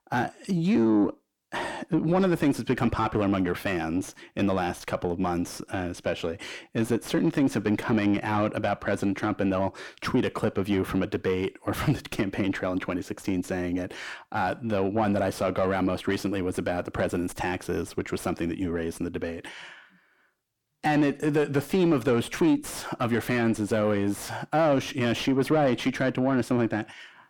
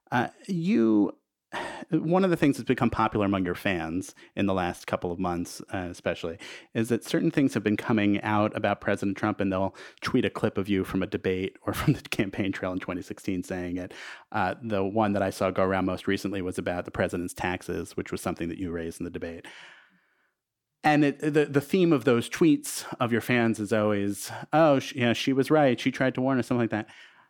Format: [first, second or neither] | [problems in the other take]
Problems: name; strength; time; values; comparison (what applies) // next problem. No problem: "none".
second | distortion; slight; 10 dB below the speech